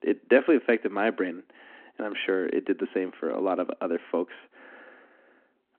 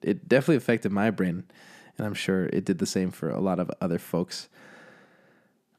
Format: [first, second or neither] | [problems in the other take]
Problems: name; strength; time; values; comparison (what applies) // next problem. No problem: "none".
second | phone-call audio